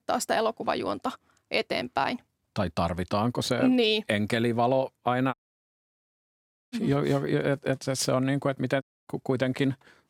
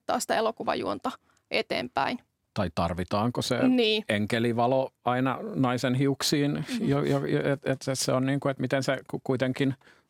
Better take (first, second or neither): second